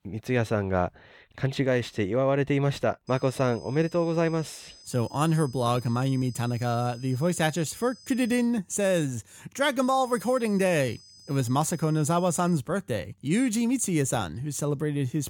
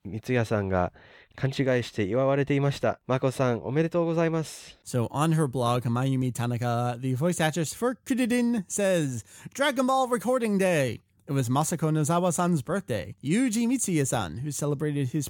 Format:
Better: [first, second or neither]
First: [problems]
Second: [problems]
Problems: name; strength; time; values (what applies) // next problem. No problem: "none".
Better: second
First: high-pitched whine; faint; from 3 to 8.5 s and from 10 to 13 s; 5 kHz, 25 dB below the speech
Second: none